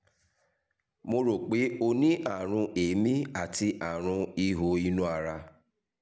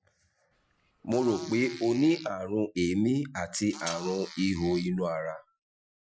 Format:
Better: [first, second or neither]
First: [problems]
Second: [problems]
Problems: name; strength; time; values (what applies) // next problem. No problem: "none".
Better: first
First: none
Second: noise reduction (classical method Wiener filter)